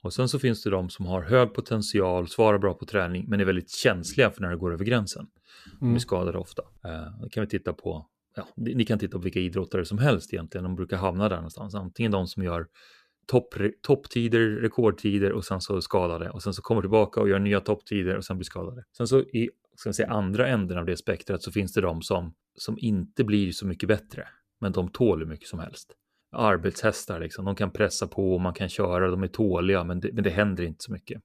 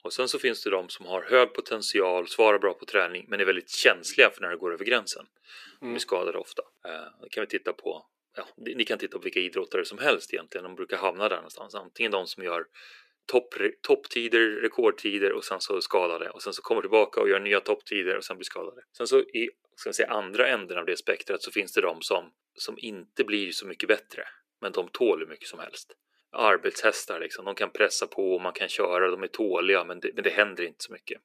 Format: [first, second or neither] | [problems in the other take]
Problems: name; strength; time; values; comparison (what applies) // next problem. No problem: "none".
first | thin; very; fading below 350 Hz